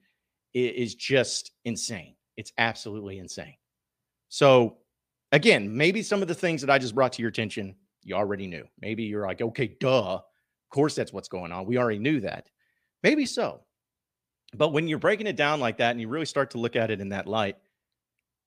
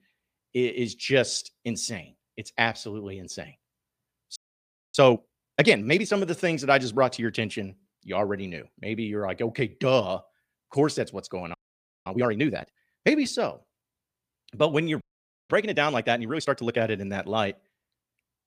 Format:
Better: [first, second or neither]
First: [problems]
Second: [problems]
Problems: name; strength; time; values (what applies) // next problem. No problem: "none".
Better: first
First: none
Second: audio freezing; at 4.5 s for 0.5 s, at 12 s for 0.5 s and at 15 s